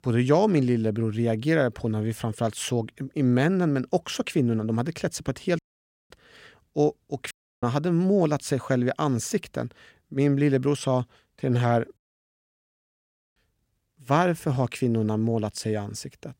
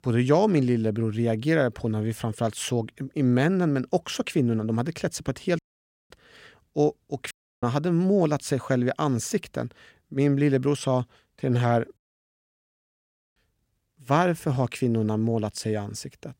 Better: neither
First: audio cutting out; at 5.5 s for 0.5 s, at 7.5 s and at 12 s for 1.5 s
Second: audio cutting out; at 5.5 s for 0.5 s, at 7.5 s and at 12 s for 1.5 s

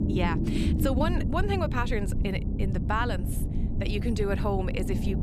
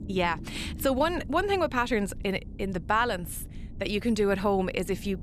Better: second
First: low rumble; loud; throughout; 7 dB below the speech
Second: low rumble; faint; throughout; 25 dB below the speech

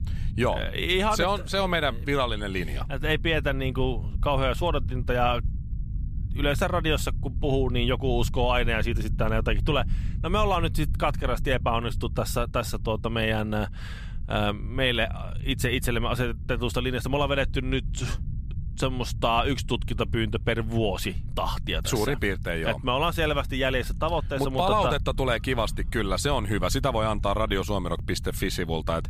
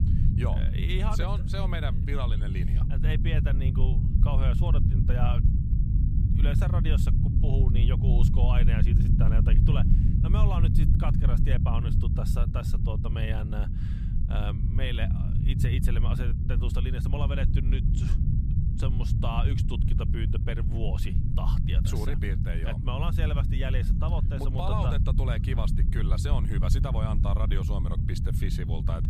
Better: first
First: low rumble; faint; throughout; 20 dB below the speech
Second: low rumble; loud; throughout; 2 dB below the speech

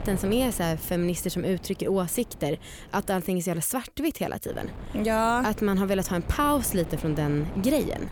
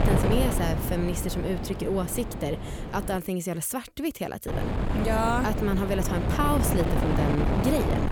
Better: first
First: wind noise on the microphone; occasional gusts; until 3 s and from 4.5 s on; 15 dB below the speech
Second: wind noise on the microphone; heavy; until 3 s and from 4.5 s on; 3 dB below the speech

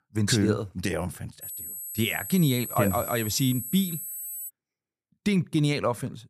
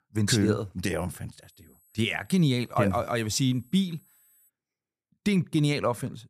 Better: second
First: high-pitched whine; loud; from 1.5 to 4.5 s; 11.5 kHz, 7 dB below the speech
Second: high-pitched whine; faint; from 1.5 to 4.5 s; 11.5 kHz, 35 dB below the speech

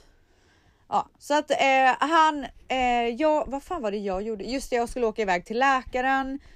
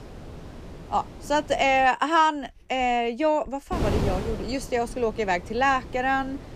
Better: first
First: none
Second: wind noise on the microphone; occasional gusts; until 2 s and from 3.5 s on; 15 dB below the speech

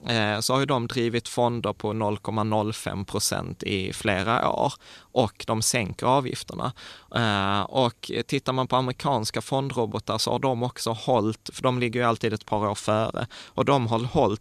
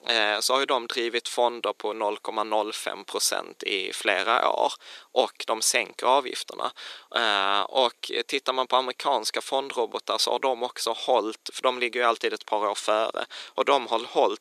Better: first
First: none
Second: thin; very; fading below 350 Hz

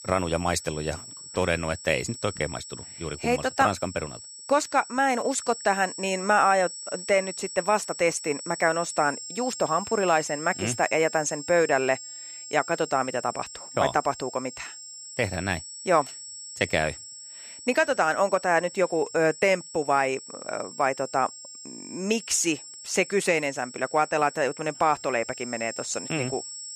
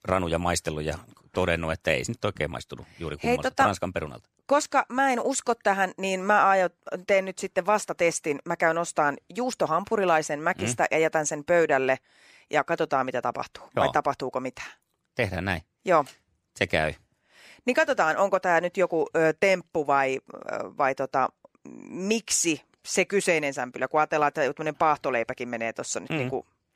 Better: second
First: high-pitched whine; noticeable; throughout; 7.5 kHz, 10 dB below the speech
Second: none

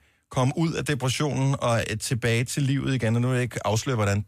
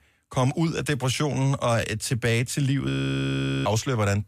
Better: first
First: none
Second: audio freezing; at 3 s for 1 s

